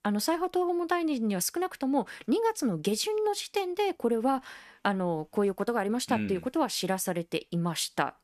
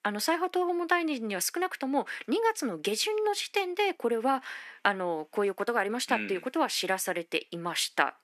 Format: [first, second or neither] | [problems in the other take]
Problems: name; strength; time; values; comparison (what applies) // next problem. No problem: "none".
first | thin; very slightly; fading below 250 Hz